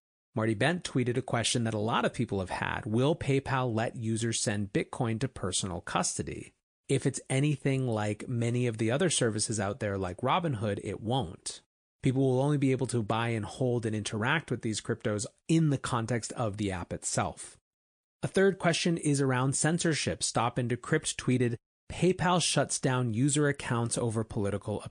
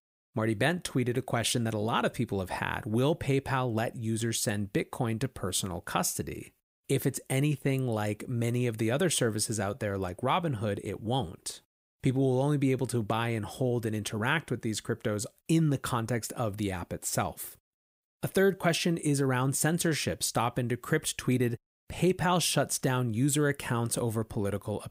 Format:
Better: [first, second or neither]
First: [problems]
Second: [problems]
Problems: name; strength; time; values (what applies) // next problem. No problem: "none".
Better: second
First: garbled, watery; slightly; nothing above 9 kHz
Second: none